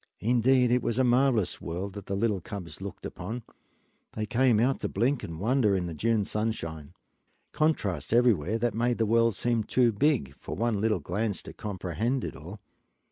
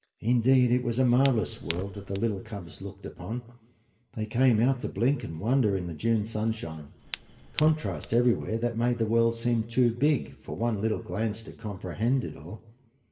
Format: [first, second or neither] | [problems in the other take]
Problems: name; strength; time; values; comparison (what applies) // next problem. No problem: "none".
first | background sound (Fire); 15 dB below the speech // room echo; dies away in 0.8 s